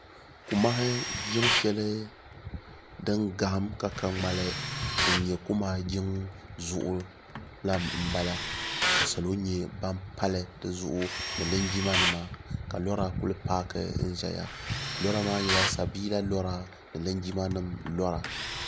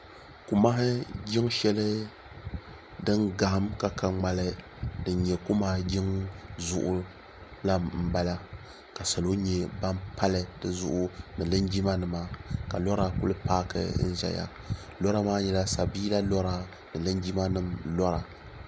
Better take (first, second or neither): second